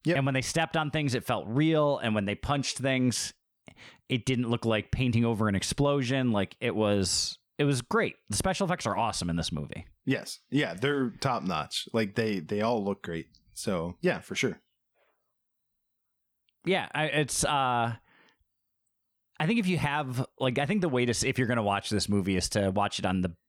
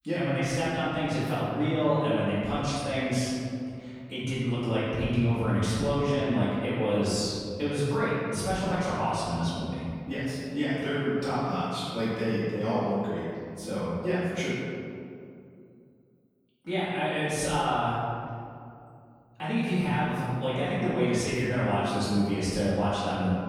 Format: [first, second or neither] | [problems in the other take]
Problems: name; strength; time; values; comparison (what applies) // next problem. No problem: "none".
first | off-mic speech; far // room echo; strong; dies away in 2.2 s